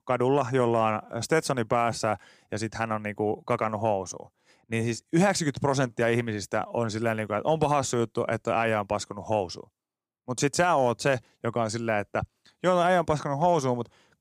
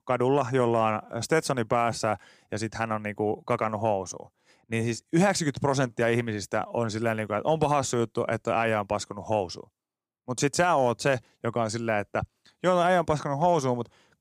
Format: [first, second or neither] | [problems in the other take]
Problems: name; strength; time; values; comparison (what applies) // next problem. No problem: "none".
neither | none